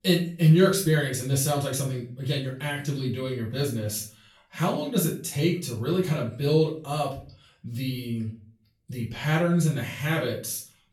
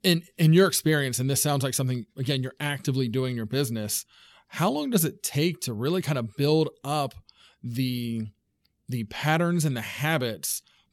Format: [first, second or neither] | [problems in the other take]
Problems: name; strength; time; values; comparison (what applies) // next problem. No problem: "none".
second | room echo; slight; dies away in 0.4 s // off-mic speech; far